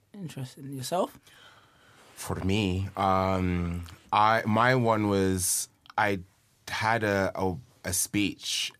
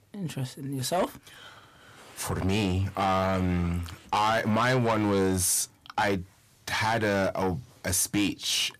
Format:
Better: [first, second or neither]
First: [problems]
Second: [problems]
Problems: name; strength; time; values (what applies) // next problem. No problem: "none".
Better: first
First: none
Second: distortion; heavy; 7 dB below the speech